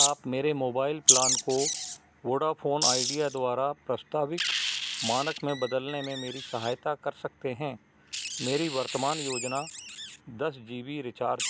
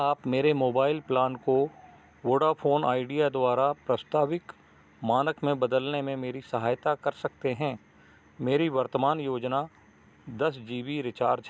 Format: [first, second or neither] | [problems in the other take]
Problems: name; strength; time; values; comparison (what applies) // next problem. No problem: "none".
second | background sound (Wild animals); 1 dB below the speech